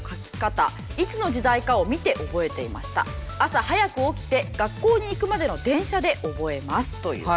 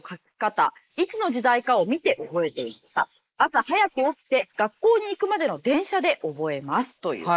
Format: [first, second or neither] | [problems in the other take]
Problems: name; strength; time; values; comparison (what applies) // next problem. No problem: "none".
first | noise reduction (neural mask model Resemble Enhance denoiser)